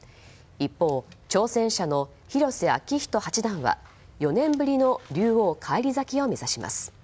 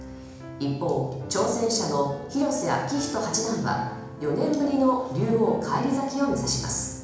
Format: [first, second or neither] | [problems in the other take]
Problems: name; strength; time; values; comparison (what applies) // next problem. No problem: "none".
first | background sound (Piano); 16 dB below the speech // room echo; dies away in 1 s